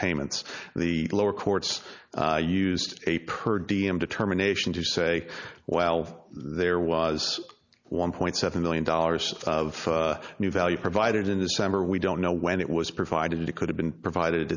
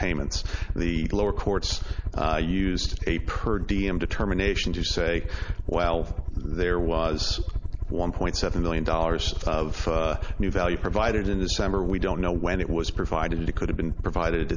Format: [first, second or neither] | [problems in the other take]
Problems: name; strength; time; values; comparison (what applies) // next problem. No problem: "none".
first | background sound (Aircraft); 1 dB below the speech